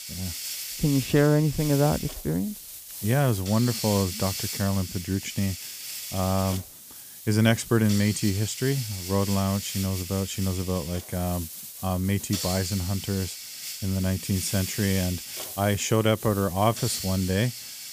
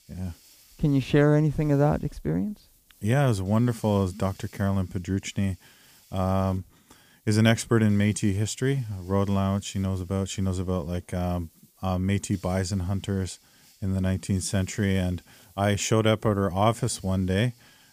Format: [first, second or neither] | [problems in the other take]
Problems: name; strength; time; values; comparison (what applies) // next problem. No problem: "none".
second | hiss; loud; throughout; 7 dB below the speech; faint in the second